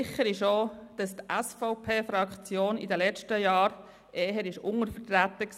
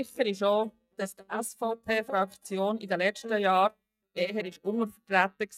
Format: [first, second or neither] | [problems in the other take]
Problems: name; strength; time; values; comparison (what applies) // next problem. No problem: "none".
first | noise reduction (neural mask model DeepFilterNet 3)